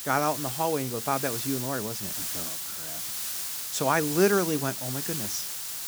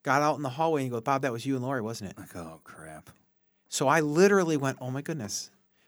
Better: second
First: hiss; loud; throughout; 3 dB below the speech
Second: none

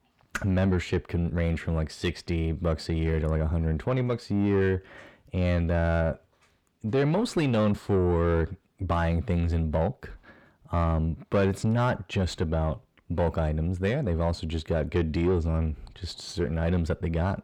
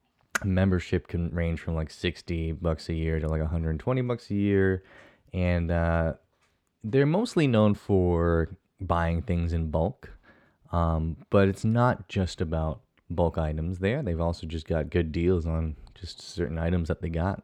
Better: second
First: distortion; slight; 10 dB below the speech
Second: none

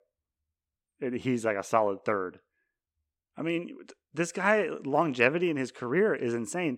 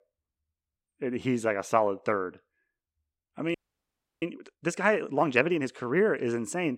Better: first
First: none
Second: audio freezing; at 3.5 s for 0.5 s

